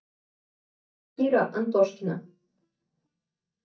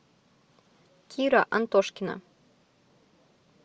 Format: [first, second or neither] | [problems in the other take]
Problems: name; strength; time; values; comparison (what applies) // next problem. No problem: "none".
second | noise reduction (neural mask model DeepFilterNet 3)